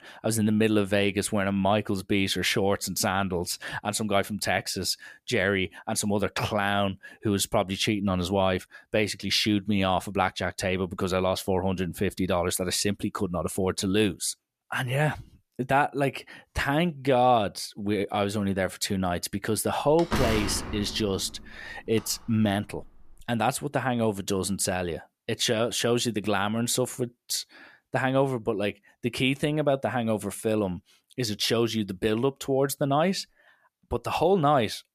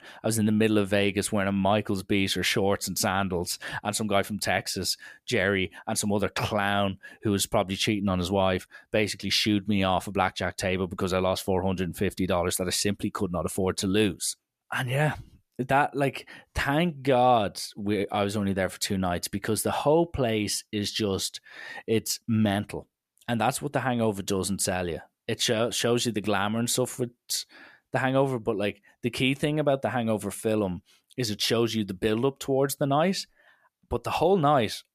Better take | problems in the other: second | door banging; noticeable; from 20 to 23 s; peak 2 dB below the speech

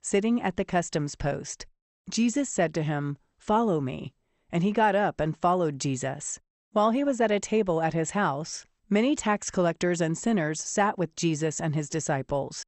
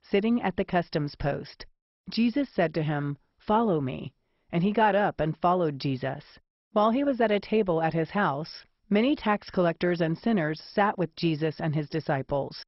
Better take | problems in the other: first | garbled, watery; badly; nothing above 5.5 kHz; slightly in the first

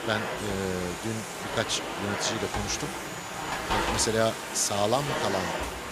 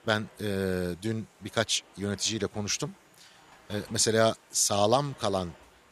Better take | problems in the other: second | household noises; loud; throughout; 2 dB below the speech; faint in the second

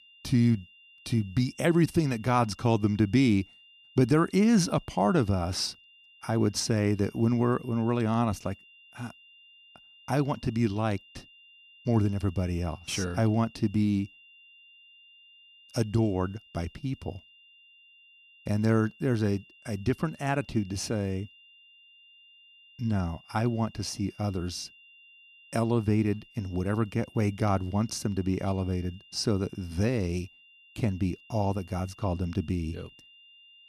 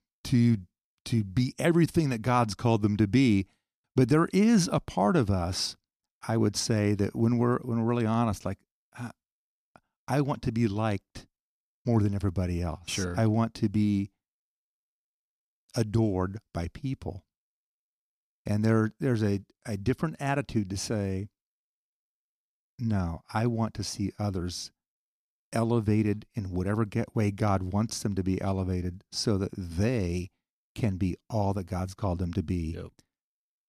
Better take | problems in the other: second | high-pitched whine; faint; throughout; 3 kHz, 25 dB below the speech

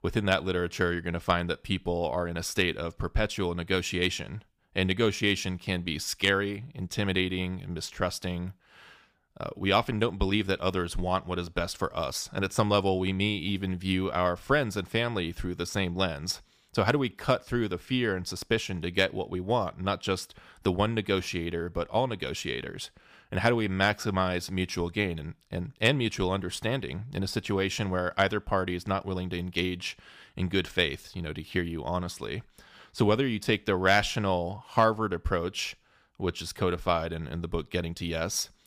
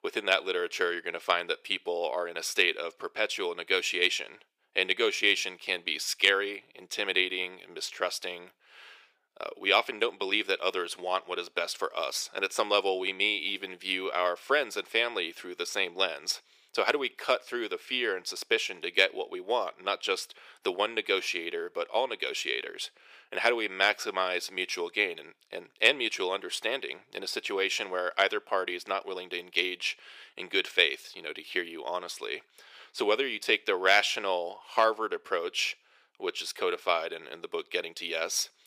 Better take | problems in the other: first | thin; very; fading below 400 Hz

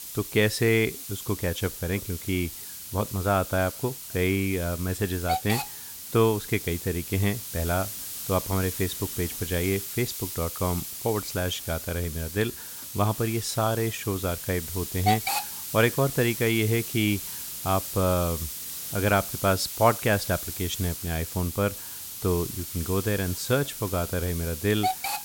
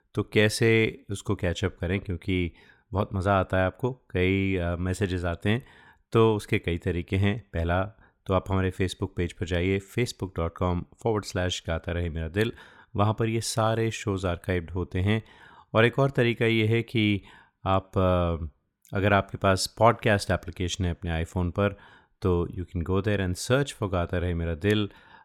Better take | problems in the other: second | hiss; loud; throughout; 6 dB below the speech

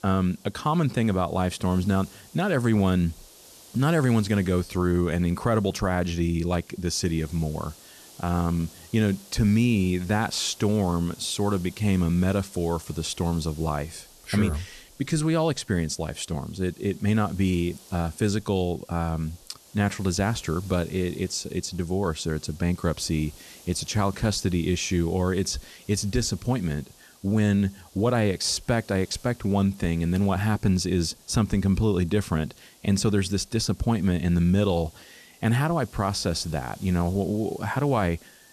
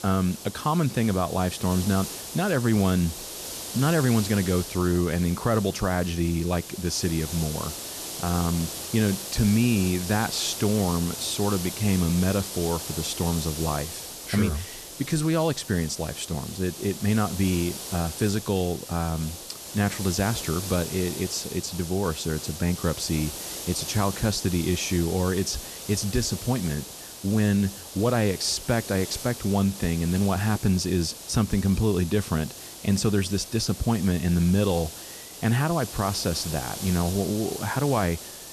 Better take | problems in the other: first | hiss; loud; throughout; 9 dB below the speech; faint in the first

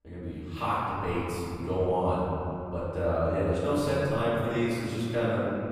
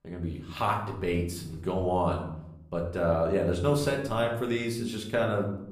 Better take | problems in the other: second | room echo; strong; dies away in 3 s; slight in the second // off-mic speech; far; somewhat distant in the second

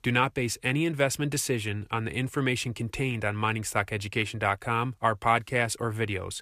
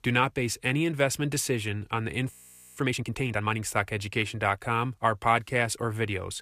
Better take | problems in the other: first | audio freezing; at 2.5 s

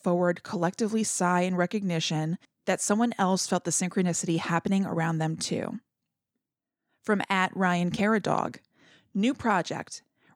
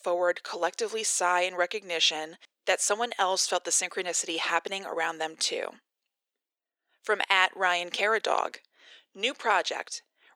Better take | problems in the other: first | thin; very; fading below 450 Hz

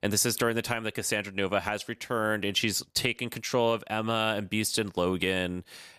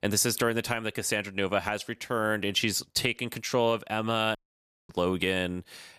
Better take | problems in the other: first | audio cutting out; at 4.5 s for 0.5 s

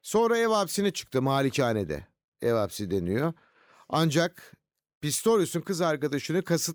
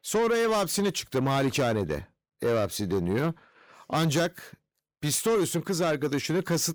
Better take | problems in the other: first | distortion; slight; 10 dB below the speech

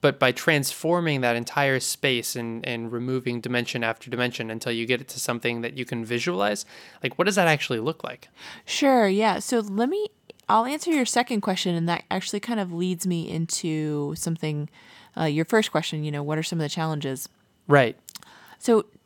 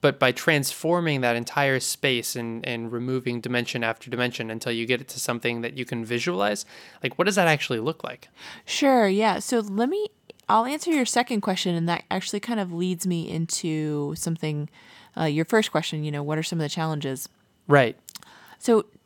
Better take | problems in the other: neither | none

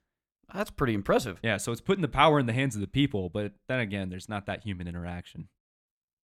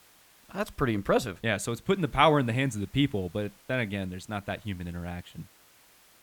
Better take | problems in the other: first | hiss; faint; throughout; 30 dB below the speech

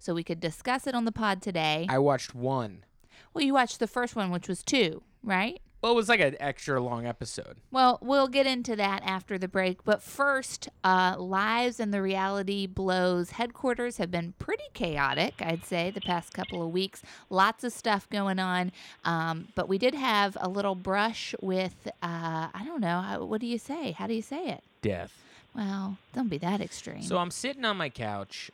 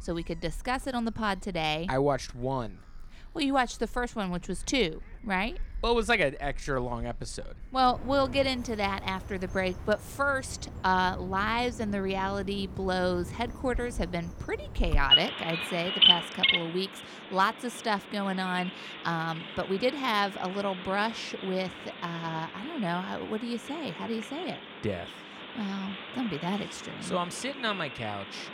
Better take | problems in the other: first | animal sounds; loud; throughout; 2 dB below the speech; faint in the first

